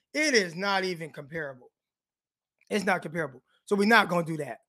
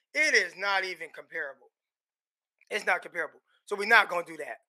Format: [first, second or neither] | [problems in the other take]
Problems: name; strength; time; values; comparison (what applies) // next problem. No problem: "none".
first | thin; very; fading below 550 Hz